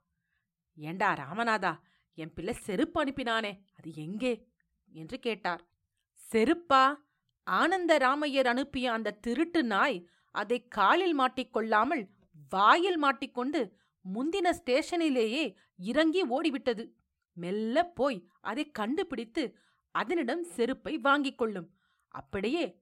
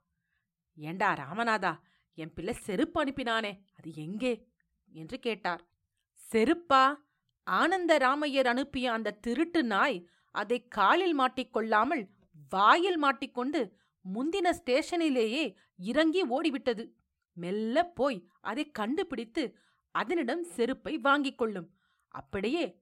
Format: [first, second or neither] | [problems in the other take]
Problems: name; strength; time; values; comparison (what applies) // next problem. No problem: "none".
neither | none